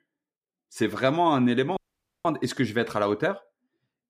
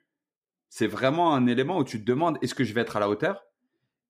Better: second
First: audio cutting out; at 2 s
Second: none

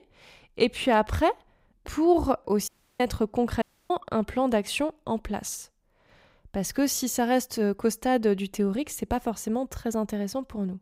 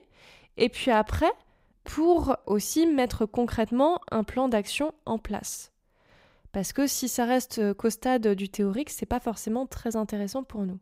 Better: second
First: audio cutting out; at 2.5 s and at 3.5 s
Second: none

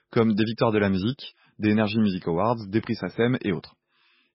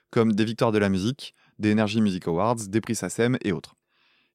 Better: second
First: garbled, watery; badly; nothing above 5.5 kHz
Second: none

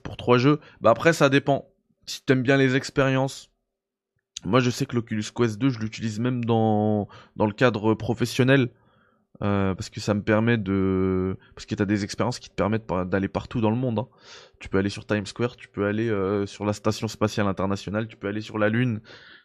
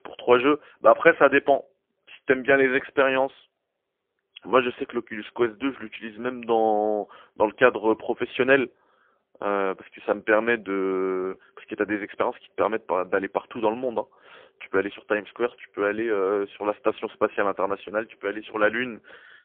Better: first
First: none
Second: phone-call audio; poor line

